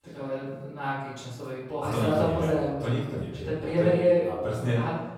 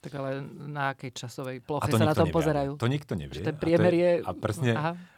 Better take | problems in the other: second | off-mic speech; far // room echo; noticeable; dies away in 0.9 s

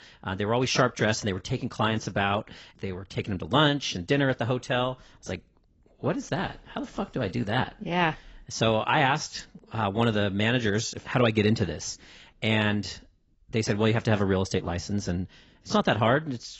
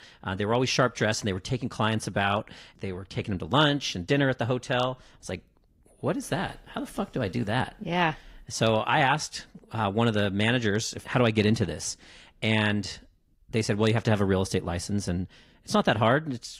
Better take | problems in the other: second | garbled, watery; badly; nothing above 7.5 kHz; slightly in the second

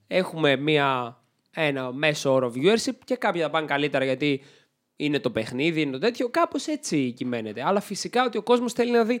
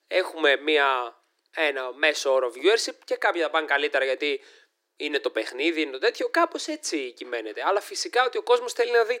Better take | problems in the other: first | thin; very; fading below 300 Hz

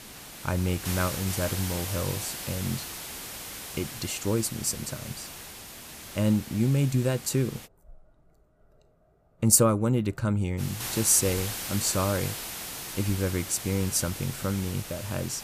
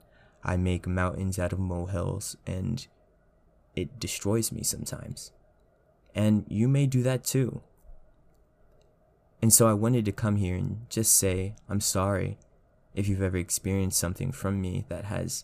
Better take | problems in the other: second | hiss; loud; until 7.5 s and from 11 s on; 8 dB below the speech

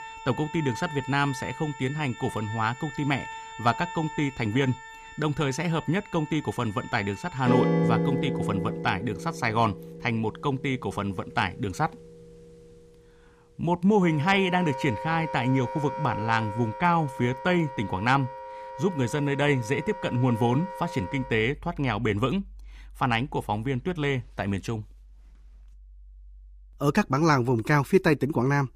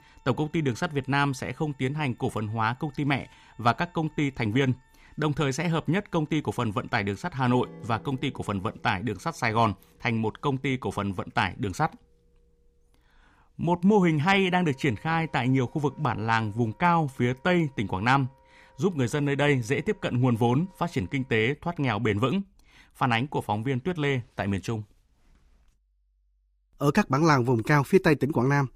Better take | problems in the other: second | background music; loud; throughout; 8 dB below the speech; faint in the second

